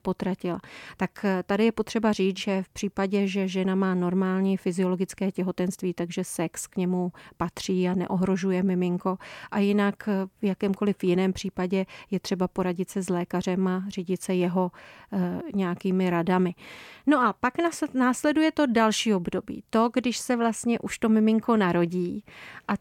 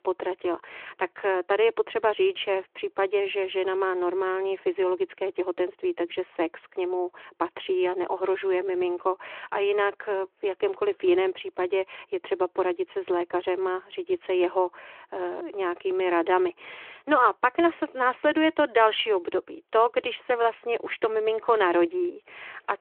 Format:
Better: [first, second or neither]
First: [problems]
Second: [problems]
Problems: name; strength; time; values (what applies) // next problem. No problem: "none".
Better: first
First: none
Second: phone-call audio